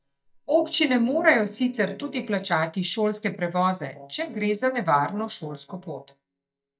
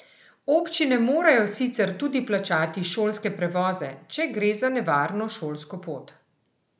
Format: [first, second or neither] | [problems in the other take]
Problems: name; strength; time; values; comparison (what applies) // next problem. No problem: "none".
second | noise reduction (neural mask model DeepFilterNet 3)